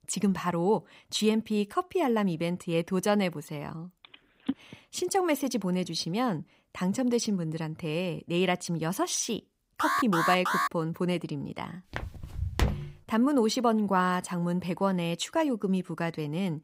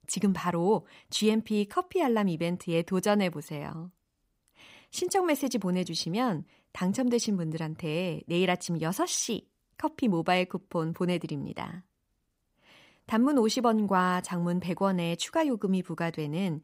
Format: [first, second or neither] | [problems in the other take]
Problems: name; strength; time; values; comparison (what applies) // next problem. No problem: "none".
second | phone ringing; noticeable; at 4.5 s; peak 8 dB below the speech // alarm; loud; at 10 s; peak 2 dB above the speech // footsteps; noticeable; at 12 s; peak 1 dB below the speech